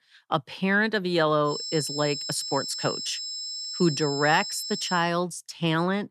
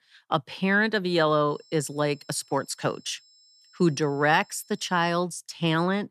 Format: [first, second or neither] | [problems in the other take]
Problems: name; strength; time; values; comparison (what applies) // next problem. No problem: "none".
second | high-pitched whine; loud; from 1.5 to 5 s; 5.5 kHz, 5 dB below the speech; faint in the second